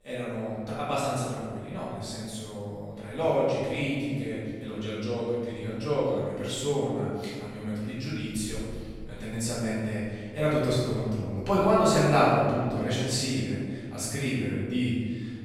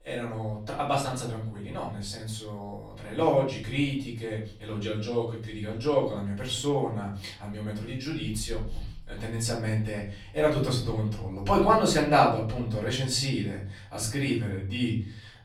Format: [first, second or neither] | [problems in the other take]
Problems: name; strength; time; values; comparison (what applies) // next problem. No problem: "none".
second | room echo; strong; dies away in 1.7 s; slight in the second // off-mic speech; far; far in the second